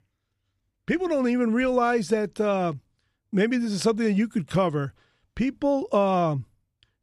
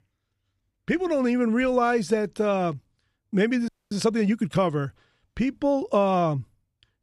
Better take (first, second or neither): first